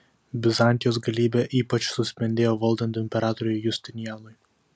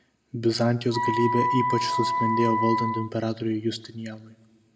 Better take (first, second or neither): first